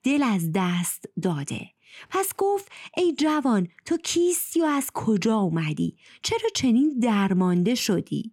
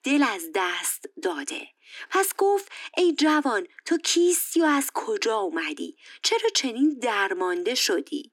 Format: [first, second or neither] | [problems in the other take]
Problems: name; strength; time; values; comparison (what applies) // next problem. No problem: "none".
first | thin; somewhat; fading below 300 Hz